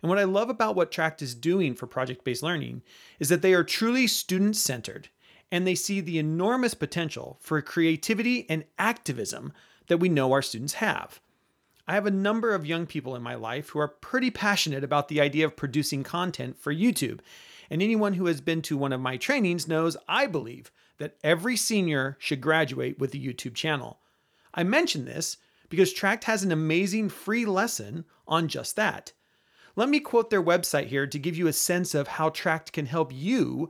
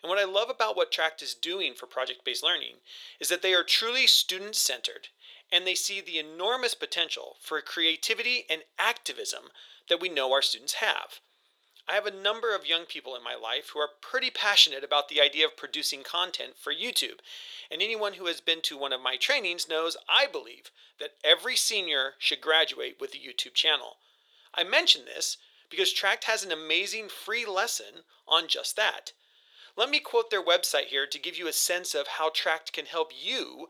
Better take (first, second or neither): first